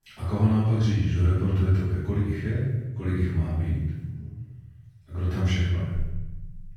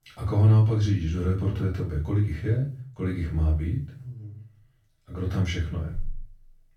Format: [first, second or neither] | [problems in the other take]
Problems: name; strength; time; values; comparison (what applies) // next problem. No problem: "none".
second | room echo; strong; dies away in 1.2 s; slight in the second // off-mic speech; far; far in the second